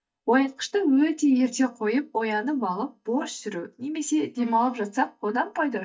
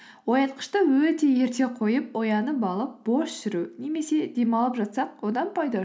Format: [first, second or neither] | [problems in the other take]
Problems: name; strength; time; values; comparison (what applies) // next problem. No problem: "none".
second | noise reduction (neural mask model DeepFilterNet 3)